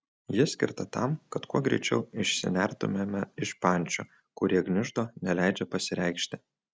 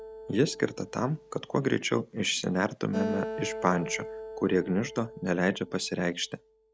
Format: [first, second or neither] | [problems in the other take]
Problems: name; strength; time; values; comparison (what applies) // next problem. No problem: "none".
first | background sound (Acoustic guitar); 10 dB below the speech